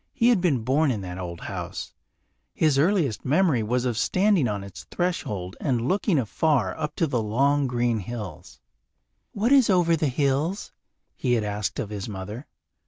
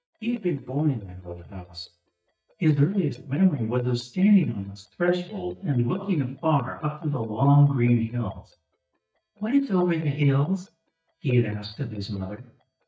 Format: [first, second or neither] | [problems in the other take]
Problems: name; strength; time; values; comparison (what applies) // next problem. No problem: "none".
first | noise reduction (neural mask model DeepFilterNet 3)